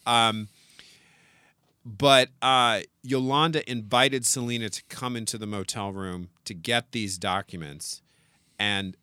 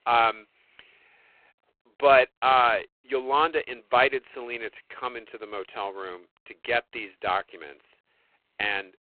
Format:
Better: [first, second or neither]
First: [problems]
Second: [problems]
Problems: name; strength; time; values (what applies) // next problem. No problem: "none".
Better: first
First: none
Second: phone-call audio; poor line; nothing above 3.5 kHz